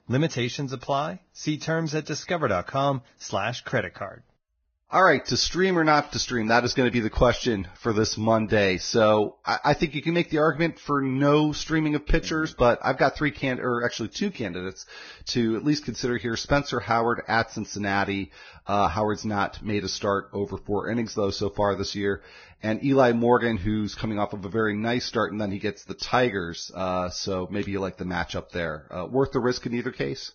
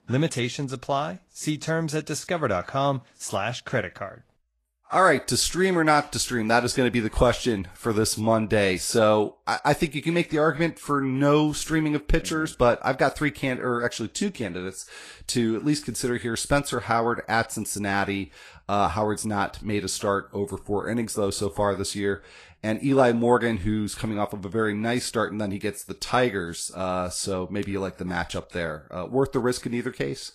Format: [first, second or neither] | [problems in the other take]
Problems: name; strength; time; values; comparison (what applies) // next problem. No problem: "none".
second | garbled, watery; badly; nothing above 6.5 kHz; slightly in the second